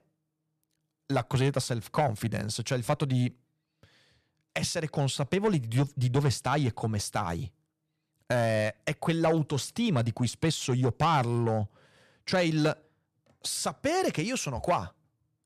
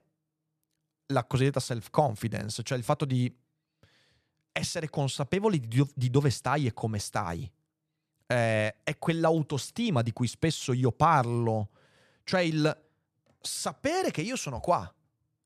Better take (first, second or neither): second